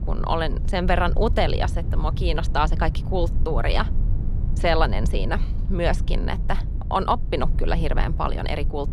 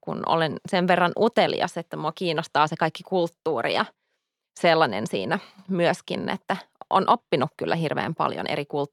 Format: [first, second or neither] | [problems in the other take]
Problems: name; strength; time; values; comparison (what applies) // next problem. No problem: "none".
second | low rumble; noticeable; throughout; 15 dB below the speech